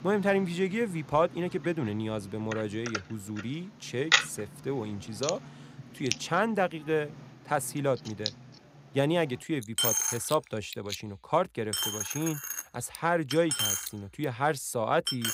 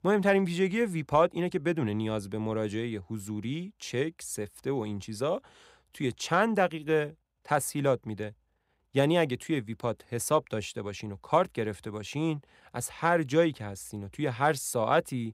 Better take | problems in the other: second | household noises; very loud; throughout; as loud as the speech

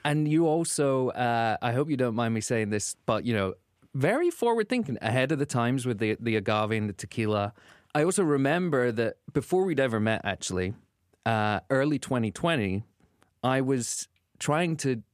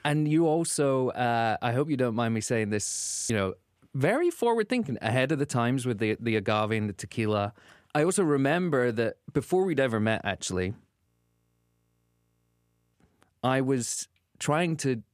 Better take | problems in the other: first | audio freezing; at 3 s and at 11 s for 2 s

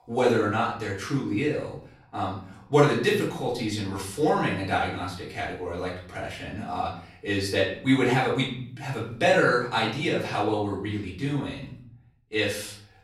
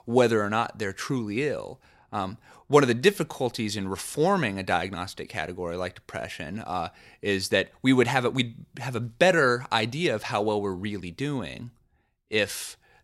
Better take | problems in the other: second | off-mic speech; far // room echo; noticeable; dies away in 0.5 s

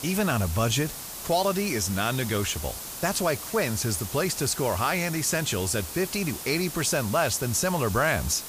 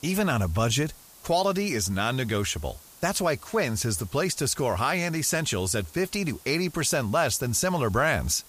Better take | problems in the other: second | hiss; loud; throughout; 9 dB below the speech; faint in the second

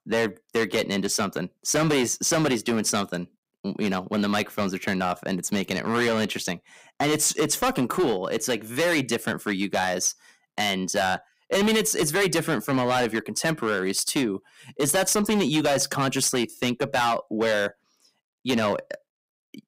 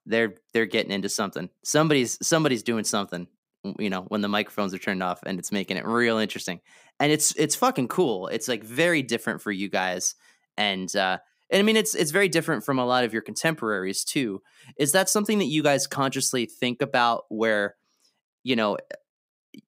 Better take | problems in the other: second | distortion; heavy; 10% of the sound clipped

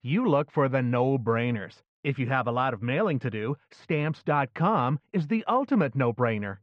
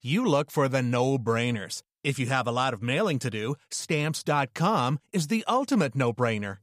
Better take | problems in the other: second | muffled; very; fading above 2.5 kHz

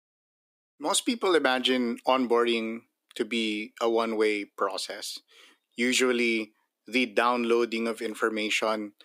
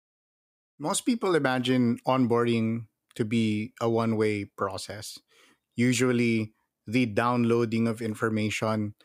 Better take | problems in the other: second | thin; very slightly; fading below 300 Hz

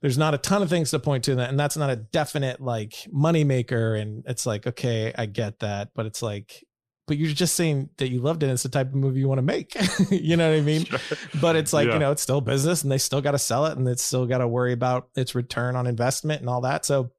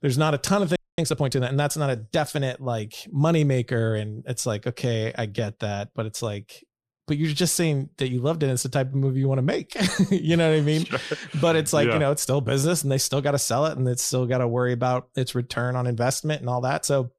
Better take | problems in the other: first | audio freezing; at 1 s

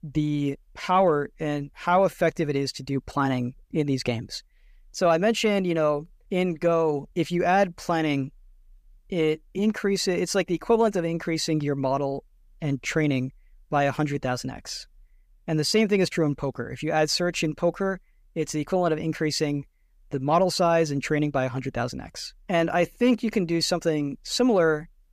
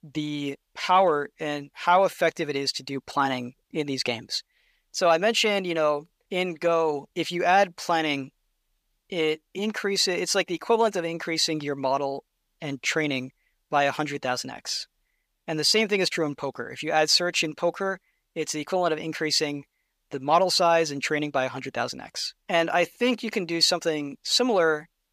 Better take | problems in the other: first | thin; very slightly; fading below 1 kHz

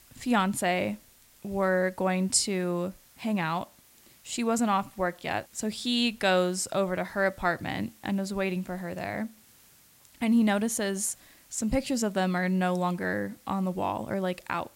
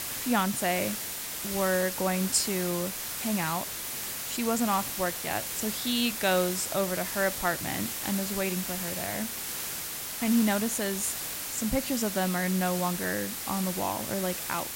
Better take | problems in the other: first | hiss; loud; throughout; 3 dB below the speech; faint in the first

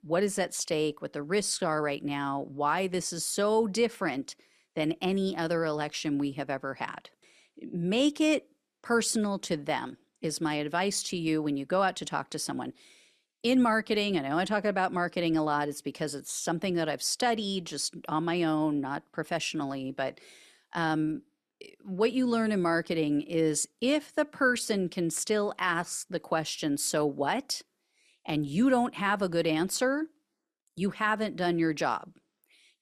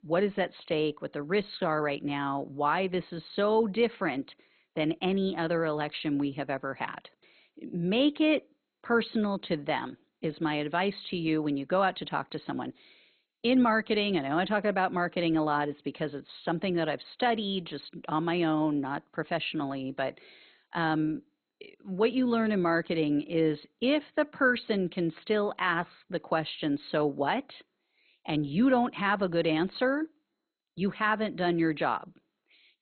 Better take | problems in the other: first | garbled, watery; badly; nothing above 4 kHz

